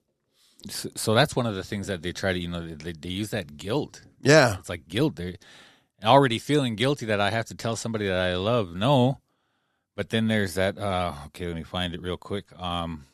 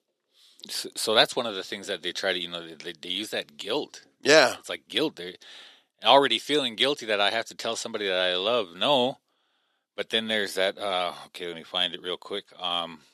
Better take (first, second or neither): first